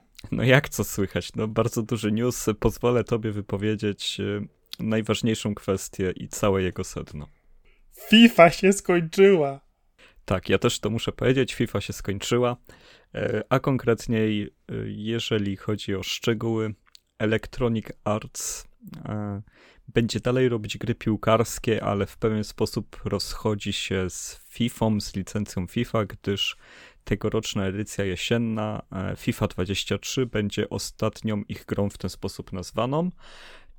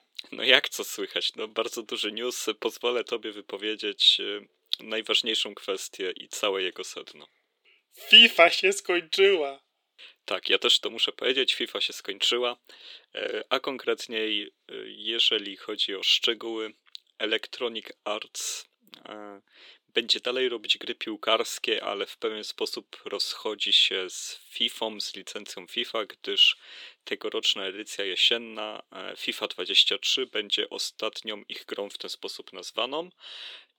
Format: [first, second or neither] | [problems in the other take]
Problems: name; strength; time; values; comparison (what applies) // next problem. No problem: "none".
first | thin; somewhat; fading below 350 Hz